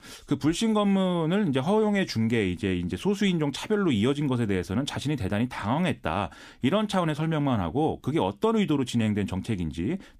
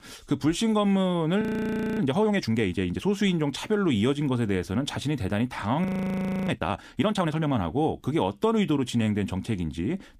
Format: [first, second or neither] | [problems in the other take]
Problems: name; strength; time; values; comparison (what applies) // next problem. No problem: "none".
first | audio freezing; at 1.5 s for 0.5 s and at 6 s for 0.5 s